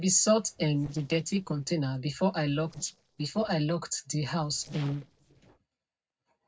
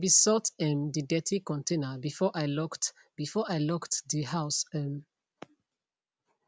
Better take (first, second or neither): second